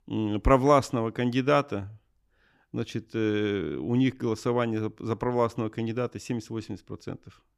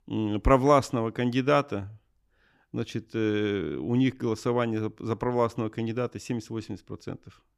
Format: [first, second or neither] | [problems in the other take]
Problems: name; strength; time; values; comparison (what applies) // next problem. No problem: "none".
neither | none